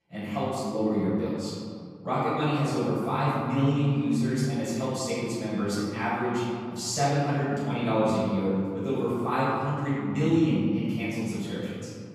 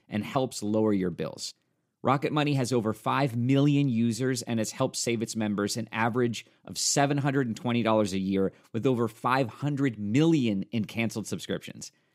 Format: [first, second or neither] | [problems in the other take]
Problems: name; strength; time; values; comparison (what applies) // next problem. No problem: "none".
second | off-mic speech; far // room echo; strong; dies away in 2.1 s